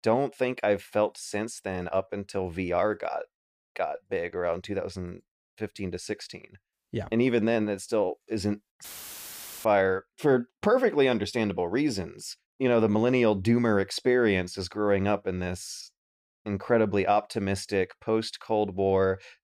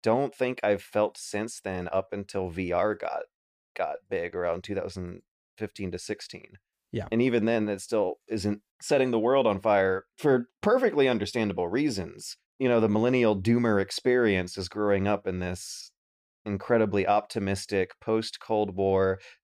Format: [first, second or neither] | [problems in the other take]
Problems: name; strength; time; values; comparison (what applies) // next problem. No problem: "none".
second | audio cutting out; filled with static; at 9 s for 1 s